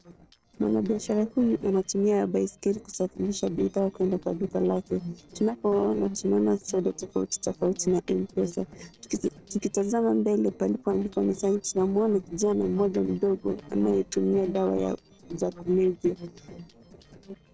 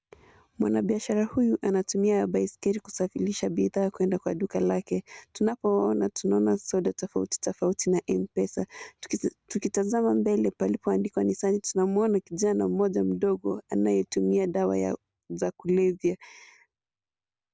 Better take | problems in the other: second | noise reduction (neural separator model SepFormer DNS4)

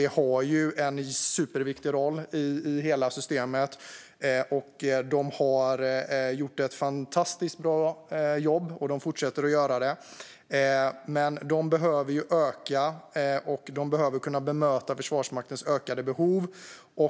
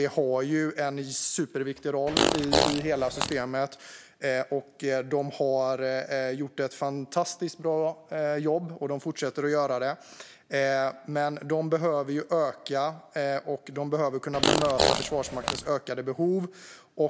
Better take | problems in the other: first | background sound (Fart); 2 dB above the speech

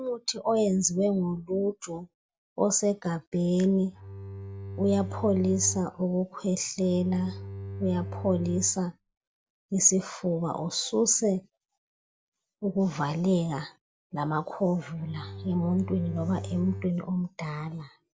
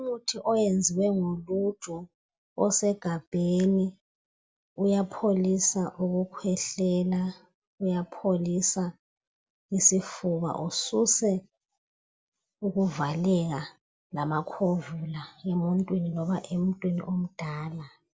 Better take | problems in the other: second | background sound (Bowed string instrument); 10 dB below the speech

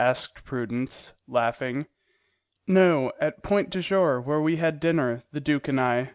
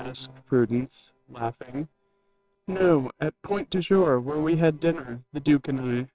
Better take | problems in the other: first | noise reduction (neural separator model SepFormer WHAMR!)

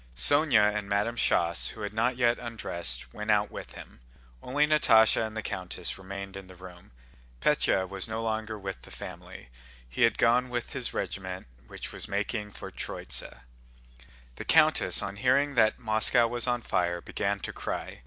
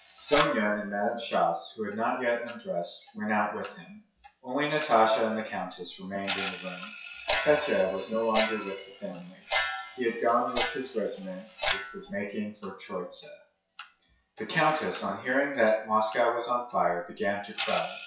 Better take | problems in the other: first | noise reduction (classical method WPE with log-MMSE)

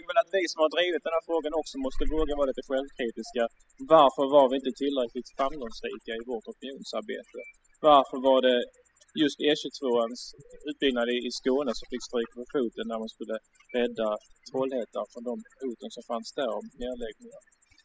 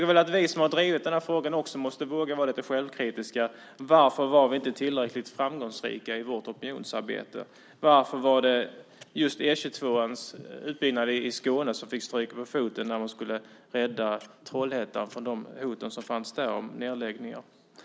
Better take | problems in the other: second | noise reduction (classical method spectral subtraction)

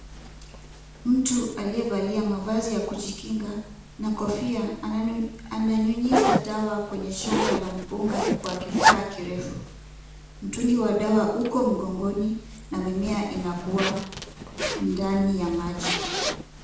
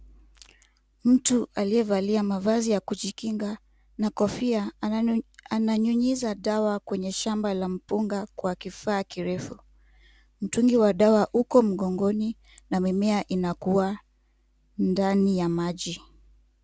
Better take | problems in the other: second | background sound (Zipper (clothing)); 4 dB below the speech // room echo; dies away in 0.7 s

